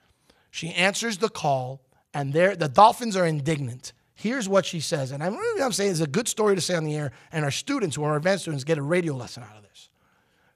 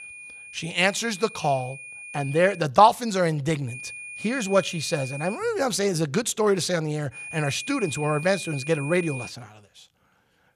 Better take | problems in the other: first | high-pitched whine; noticeable; until 2.5 s, from 3.5 to 5.5 s and from 7 to 9.5 s; 2.5 kHz, 10 dB below the speech

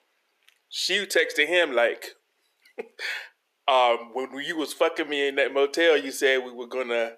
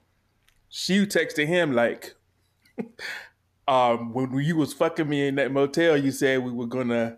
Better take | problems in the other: second | thin; somewhat; fading below 400 Hz

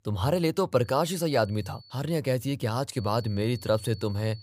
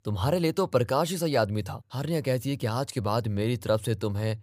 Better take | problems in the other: second | high-pitched whine; faint; from 1 to 2 s and from 3 s on; 4.5 kHz, 20 dB below the speech

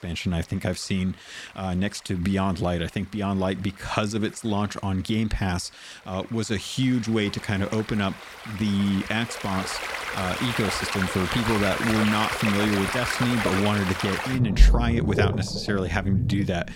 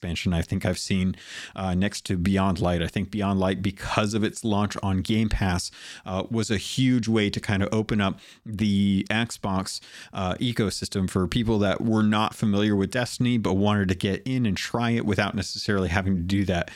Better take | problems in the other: second | rain or running water; loud; throughout; 1 dB below the speech

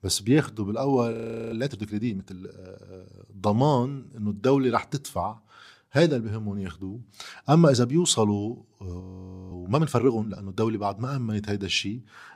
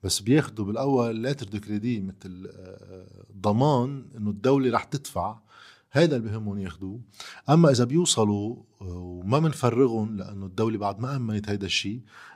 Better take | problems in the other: second | audio freezing; at 1 s and at 9 s for 0.5 s

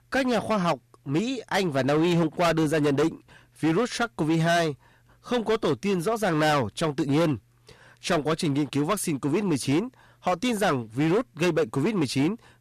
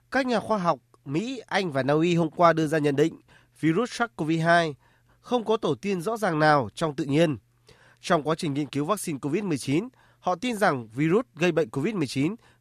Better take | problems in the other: second | distortion; heavy; 13% of the sound clipped

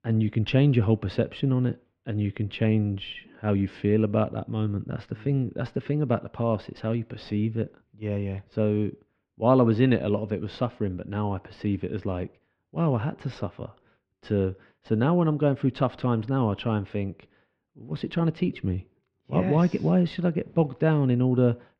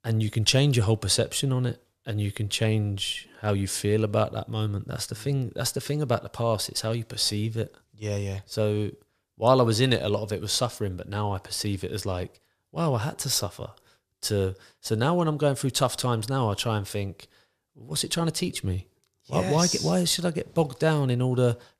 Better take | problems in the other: second | muffled; very; fading above 2.5 kHz

